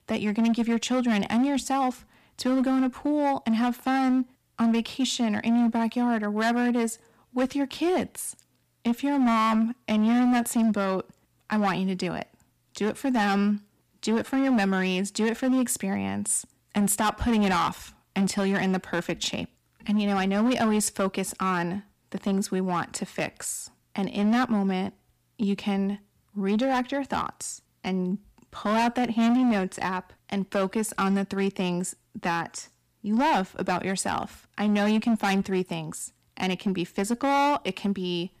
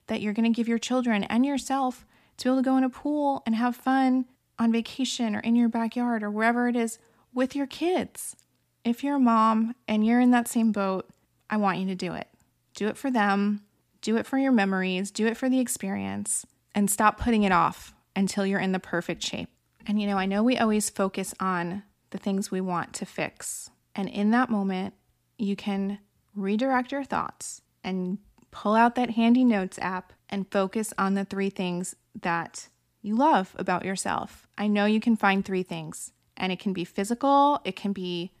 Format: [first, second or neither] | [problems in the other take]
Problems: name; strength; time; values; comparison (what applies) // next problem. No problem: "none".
second | distortion; slight; 10% of the sound clipped